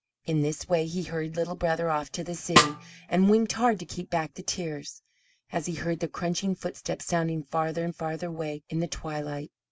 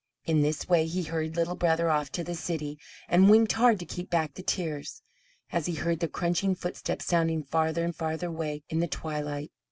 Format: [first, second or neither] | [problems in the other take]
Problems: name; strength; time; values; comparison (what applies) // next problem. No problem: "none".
second | background sound (Snare drum); 2 dB above the speech